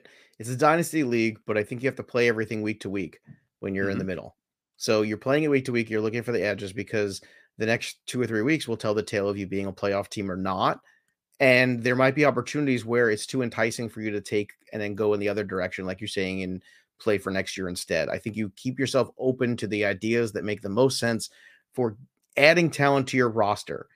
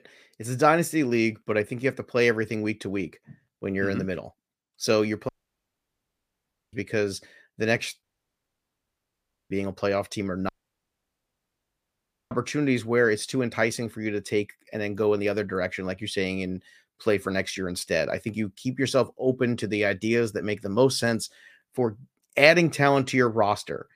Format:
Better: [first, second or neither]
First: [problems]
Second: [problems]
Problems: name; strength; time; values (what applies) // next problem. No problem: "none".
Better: first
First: none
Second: audio cutting out; at 5.5 s for 1.5 s, at 8 s for 1.5 s and at 10 s for 2 s